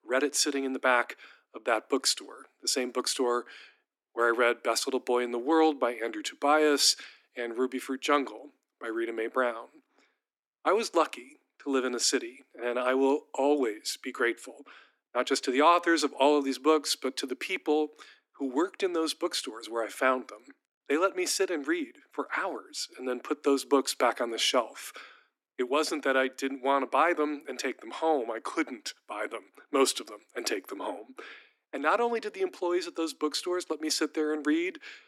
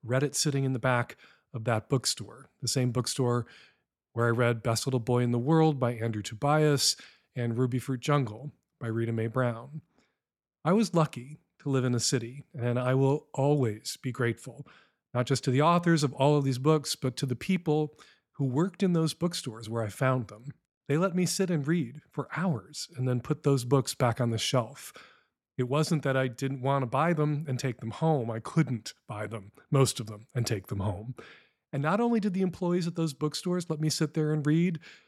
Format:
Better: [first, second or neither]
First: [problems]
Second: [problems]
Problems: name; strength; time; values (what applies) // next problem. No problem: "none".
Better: second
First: thin; somewhat; fading below 250 Hz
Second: none